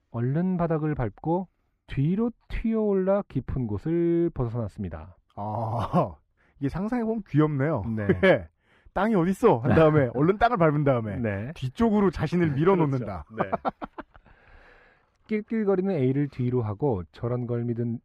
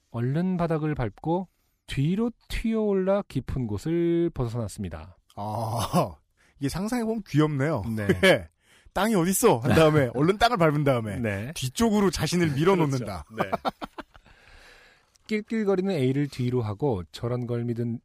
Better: second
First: muffled; very; fading above 3.5 kHz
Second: none

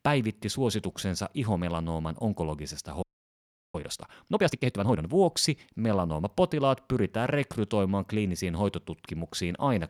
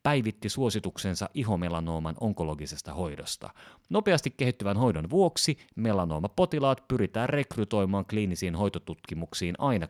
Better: second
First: audio freezing; at 3 s for 0.5 s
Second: none

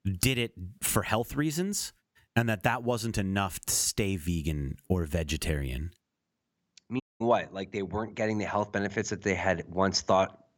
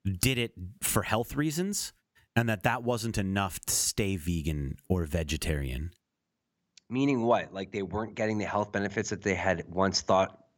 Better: second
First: audio cutting out; at 7 s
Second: none

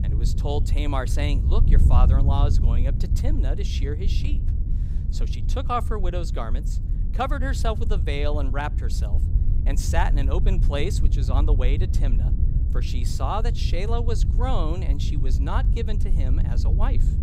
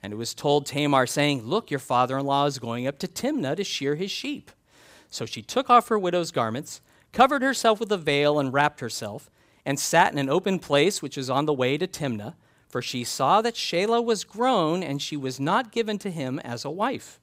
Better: second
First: wind noise on the microphone; heavy; 9 dB below the speech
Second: none

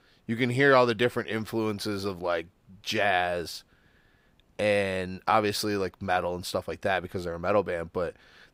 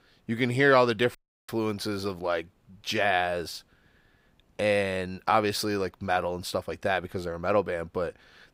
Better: first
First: none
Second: audio cutting out; at 1 s

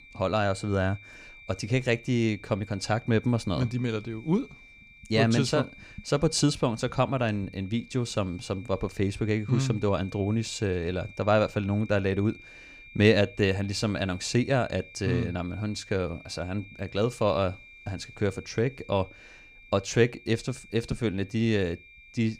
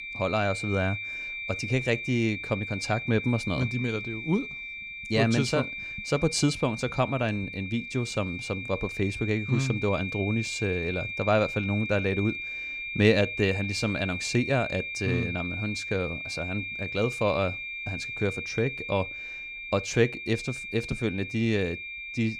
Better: first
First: high-pitched whine; faint; throughout; 2.5 kHz, 20 dB below the speech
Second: high-pitched whine; loud; throughout; 2.5 kHz, 5 dB below the speech

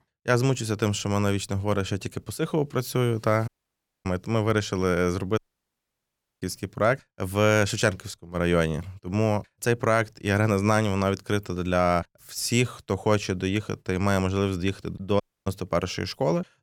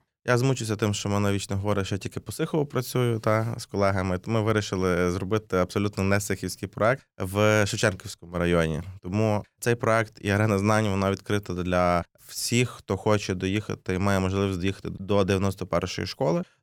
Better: second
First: audio cutting out; at 3.5 s for 0.5 s, at 5.5 s for 1 s and at 15 s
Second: none

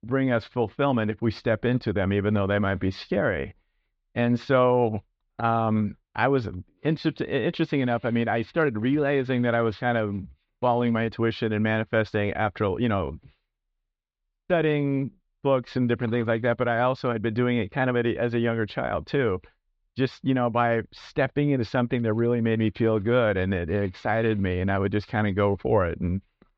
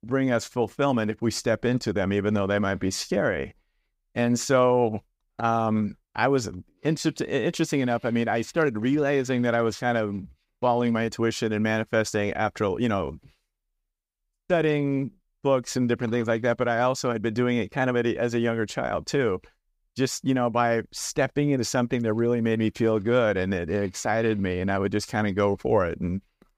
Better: second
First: muffled; slightly; fading above 4 kHz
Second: none

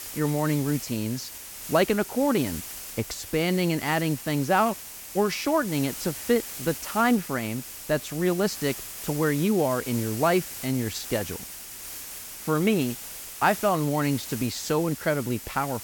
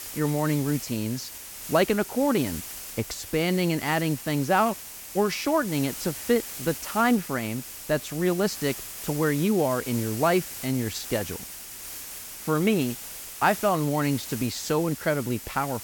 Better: neither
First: hiss; loud; throughout; 10 dB below the speech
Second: hiss; loud; throughout; 10 dB below the speech

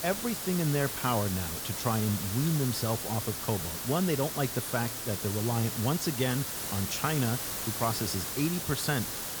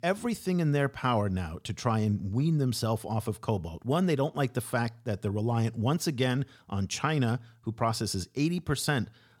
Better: second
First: hiss; loud; throughout; 2 dB below the speech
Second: none

